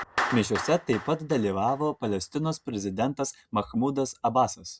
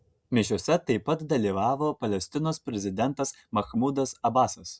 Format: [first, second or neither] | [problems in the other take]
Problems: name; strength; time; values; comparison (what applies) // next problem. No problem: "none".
second | background sound (Clapping); 11 dB below the speech